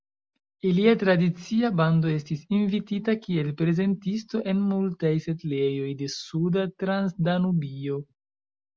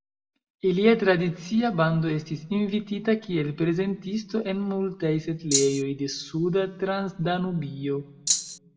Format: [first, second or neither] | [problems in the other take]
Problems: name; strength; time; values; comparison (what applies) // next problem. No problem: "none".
first | background sound (Rattle (instrument)); as loud as the speech // room echo; dies away in 0.8 s